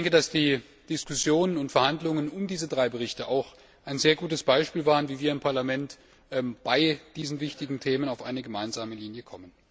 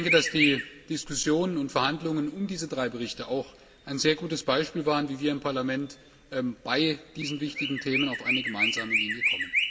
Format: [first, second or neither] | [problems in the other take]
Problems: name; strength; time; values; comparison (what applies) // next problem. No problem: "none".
first | background sound (Chirp, tweet); 4 dB below the speech // room echo; dies away in 0.6 s